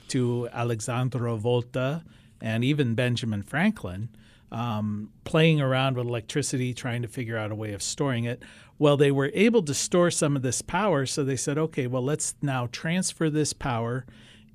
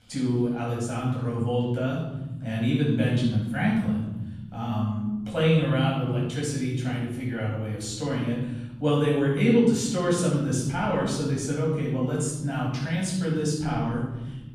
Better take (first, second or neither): first